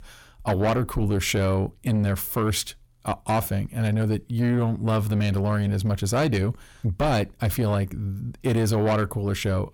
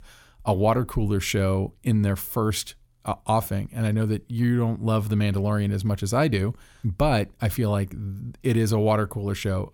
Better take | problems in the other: second | distortion; slight; 10 dB below the speech

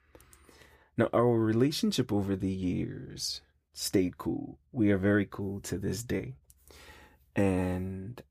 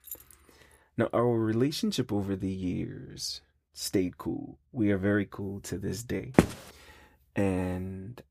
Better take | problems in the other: first | jangling keys; faint; at the start; peak 10 dB below the speech // footsteps; loud; at 6.5 s; peak 5 dB above the speech

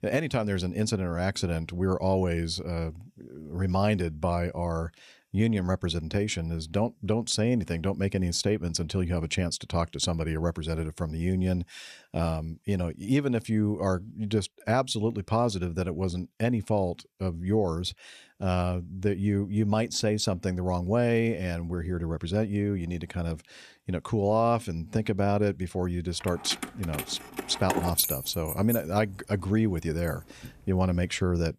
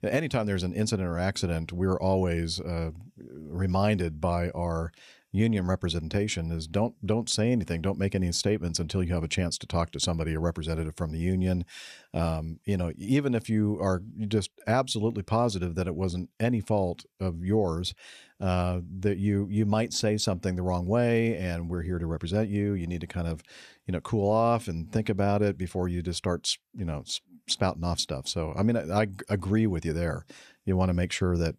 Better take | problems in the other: second | jangling keys; loud; from 26 to 30 s; peak 2 dB above the speech

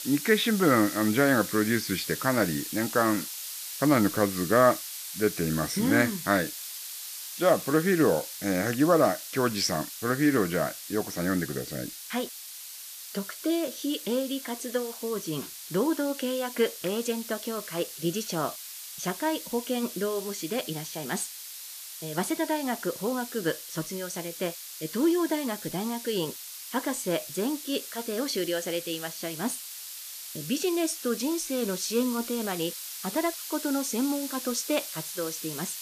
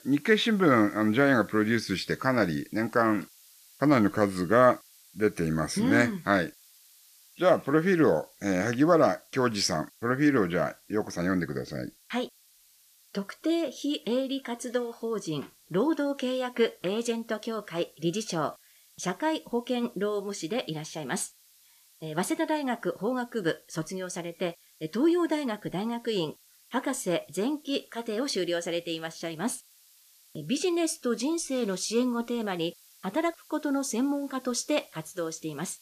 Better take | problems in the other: second | hiss; loud; throughout; 8 dB below the speech; faint in the second

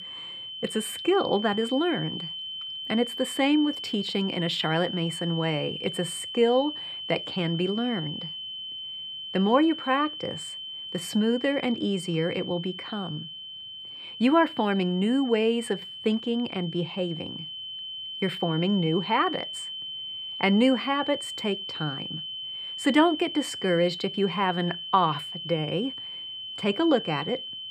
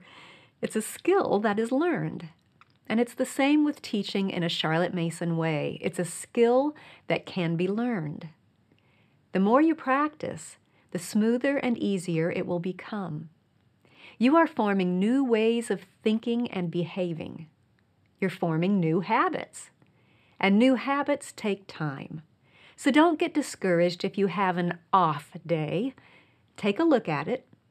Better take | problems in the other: second | high-pitched whine; loud; throughout; 3 kHz, 8 dB below the speech

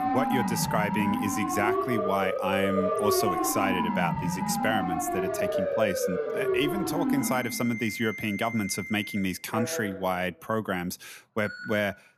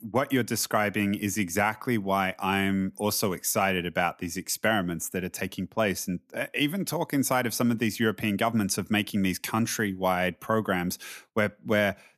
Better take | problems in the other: second | alarms or sirens; very loud; throughout; as loud as the speech

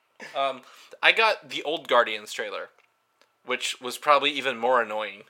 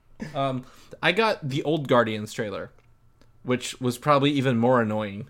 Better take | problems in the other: second | thin; very; fading below 650 Hz

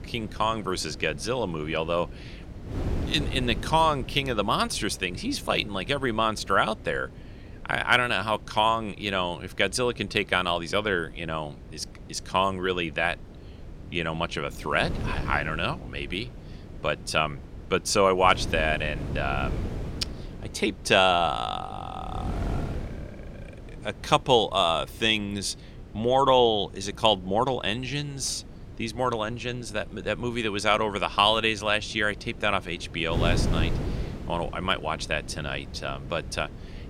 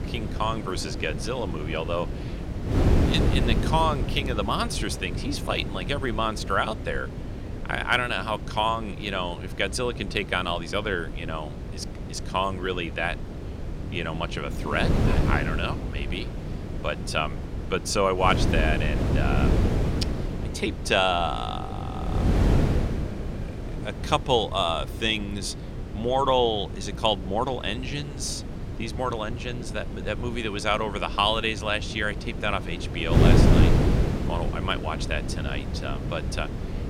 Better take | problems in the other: first | wind noise on the microphone; heavy; 9 dB below the speech; occasional gusts in the first

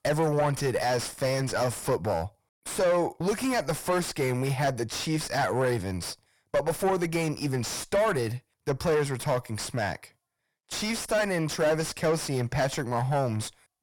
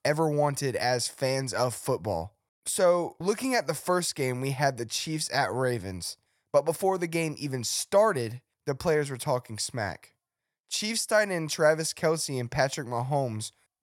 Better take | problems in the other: second | distortion; heavy; 5 dB below the speech

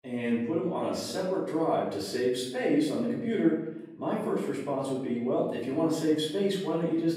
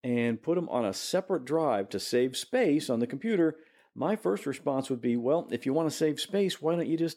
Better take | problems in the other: second | off-mic speech; far // room echo; noticeable; dies away in 0.8 s

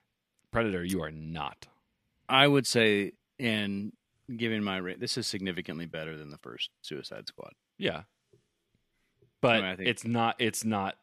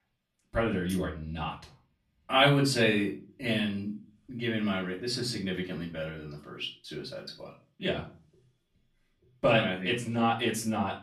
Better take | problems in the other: first | off-mic speech; far // room echo; slight; dies away in 0.3 s

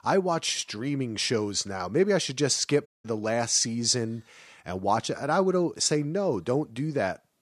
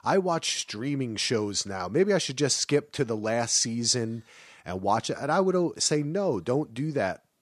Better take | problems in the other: second | audio cutting out; at 3 s

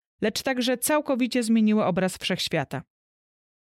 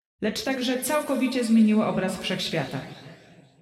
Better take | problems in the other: first | room echo; slight; dies away in 1.9 s

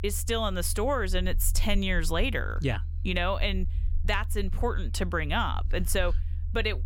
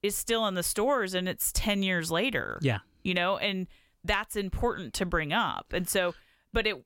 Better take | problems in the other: second | low rumble; faint; throughout; 25 dB below the speech

